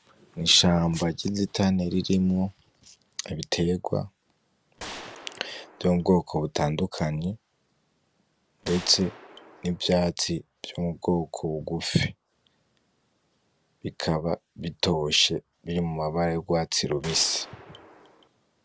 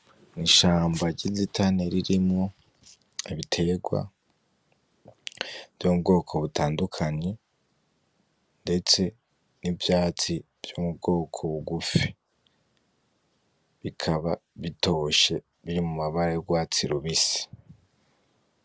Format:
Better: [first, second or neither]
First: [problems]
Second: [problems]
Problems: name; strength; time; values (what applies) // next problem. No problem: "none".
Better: second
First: background sound (Gunshot, gunfire); 15 dB below the speech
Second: none